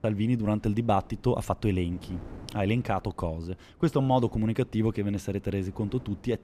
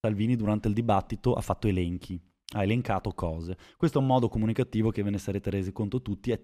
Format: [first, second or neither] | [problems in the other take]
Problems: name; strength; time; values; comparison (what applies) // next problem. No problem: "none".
second | wind noise on the microphone; occasional gusts; 25 dB below the speech